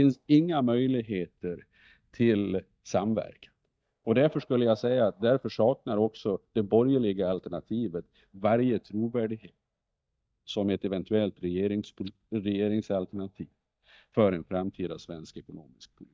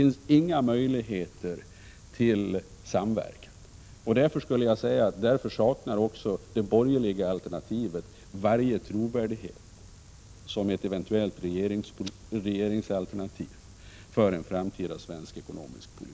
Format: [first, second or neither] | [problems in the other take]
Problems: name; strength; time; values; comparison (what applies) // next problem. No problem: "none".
second | noise reduction (neural mask model DeepFilterNet 3)